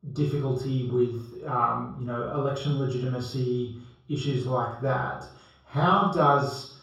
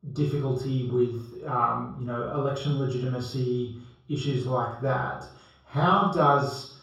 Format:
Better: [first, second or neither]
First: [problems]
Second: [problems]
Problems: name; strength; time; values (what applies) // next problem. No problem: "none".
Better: neither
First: room echo; noticeable; dies away in 0.6 s // off-mic speech; far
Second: room echo; noticeable; dies away in 0.6 s // off-mic speech; far